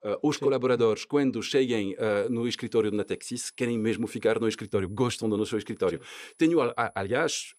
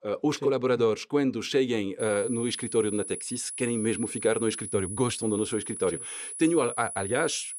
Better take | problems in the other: first | high-pitched whine; loud; from 2 s on; 10 kHz, 7 dB below the speech; faint in the first

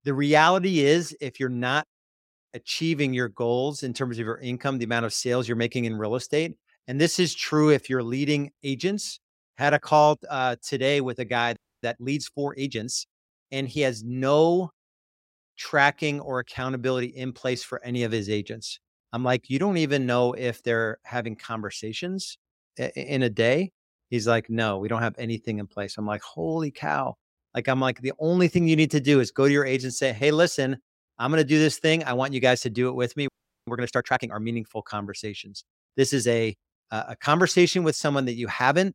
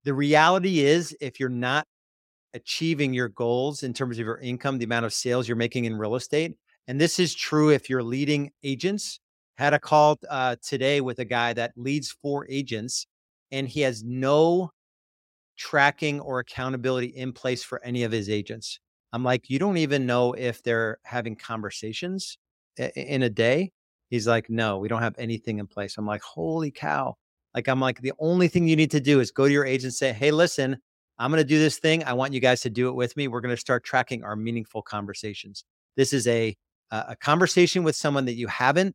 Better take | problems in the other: second | audio freezing; at 12 s and at 33 s

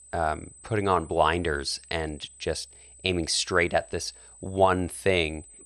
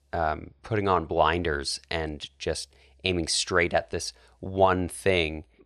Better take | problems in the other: second | high-pitched whine; faint; throughout; 8 kHz, 20 dB below the speech

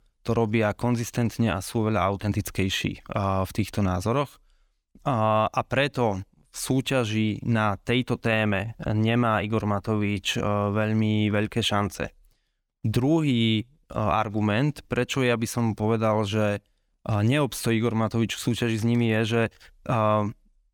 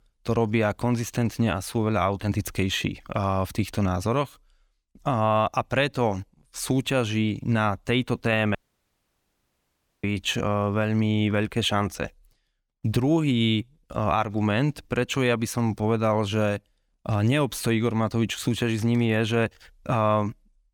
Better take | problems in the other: first | audio cutting out; at 8.5 s for 1.5 s

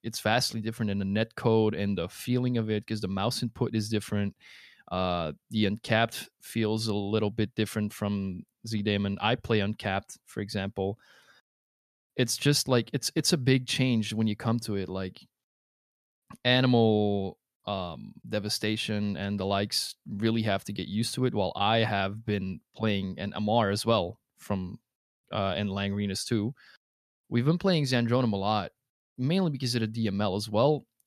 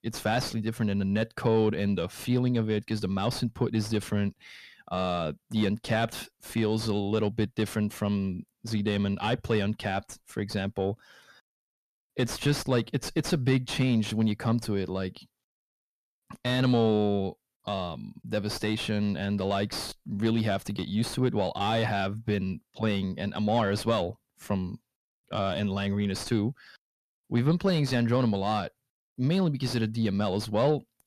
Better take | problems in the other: first | distortion; slight; 10 dB below the speech

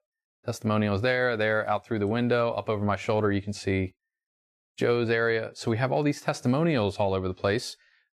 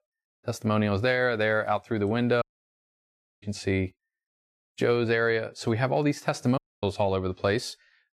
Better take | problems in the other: first | audio cutting out; at 2.5 s for 1 s and at 6.5 s

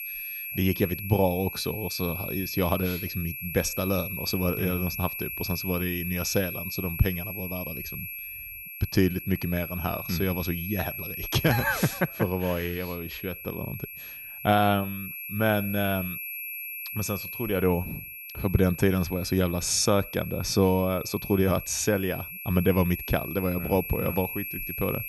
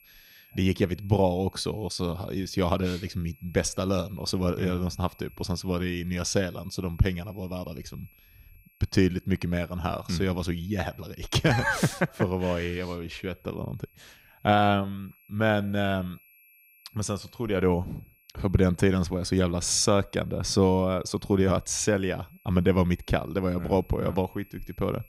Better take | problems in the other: second | high-pitched whine; loud; throughout; 11.5 kHz, 7 dB below the speech; faint in the second

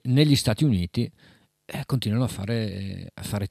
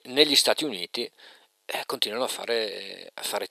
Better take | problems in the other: first | thin; very; fading below 400 Hz

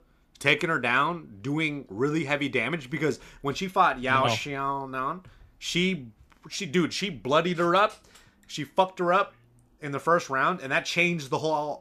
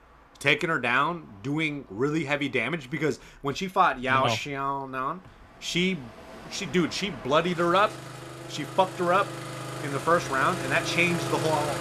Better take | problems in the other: first | traffic noise; loud; throughout; 9 dB below the speech

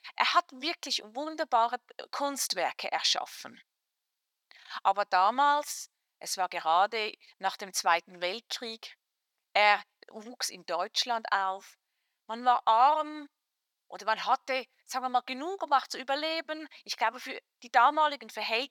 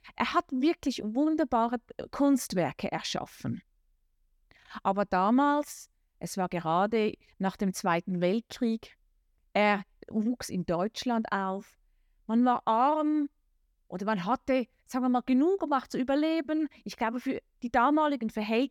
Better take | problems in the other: second | thin; very; fading below 850 Hz

